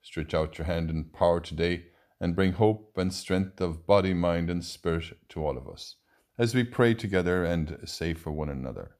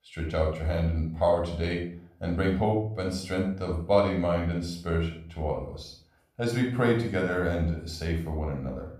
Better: first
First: none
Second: off-mic speech; somewhat distant // room echo; noticeable; dies away in 0.4 s

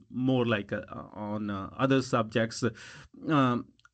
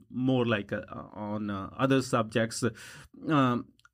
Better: second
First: garbled, watery; slightly; nothing above 8 kHz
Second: none

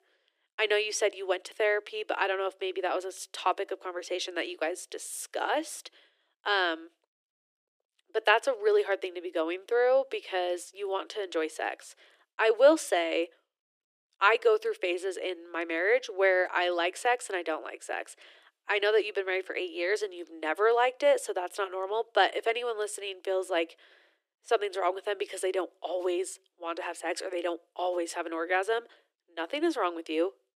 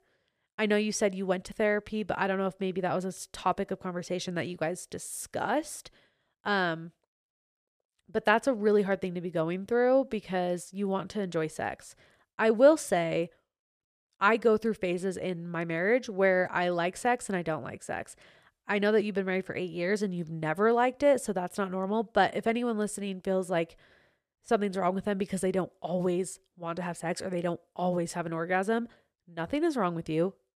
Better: second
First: thin; very; fading below 300 Hz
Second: none

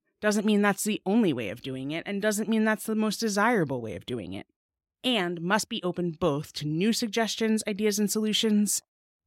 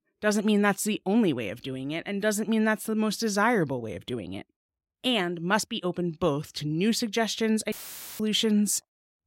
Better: first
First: none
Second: audio cutting out; filled with static; at 7.5 s

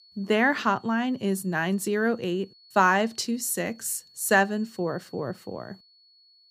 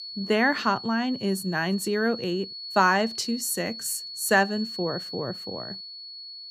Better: first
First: high-pitched whine; faint; throughout; 4.5 kHz, 30 dB below the speech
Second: high-pitched whine; loud; throughout; 4.5 kHz, 10 dB below the speech

